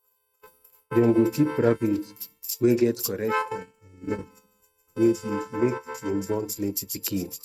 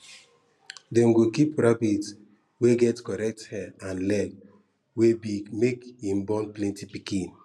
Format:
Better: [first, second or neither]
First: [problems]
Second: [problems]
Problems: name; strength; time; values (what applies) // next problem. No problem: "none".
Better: second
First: noise reduction (neural mask model RNNoise)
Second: none